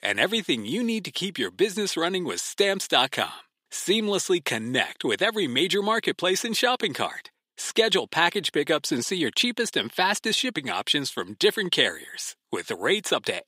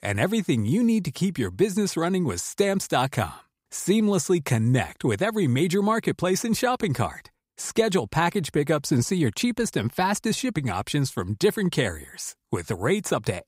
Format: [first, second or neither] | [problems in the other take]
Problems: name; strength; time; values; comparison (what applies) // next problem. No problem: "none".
second | thin; somewhat; fading below 350 Hz